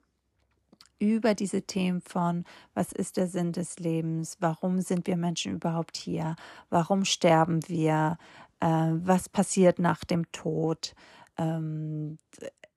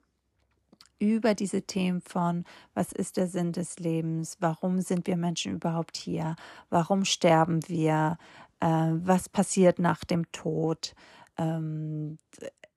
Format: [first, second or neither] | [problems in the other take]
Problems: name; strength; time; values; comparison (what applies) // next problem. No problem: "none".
neither | none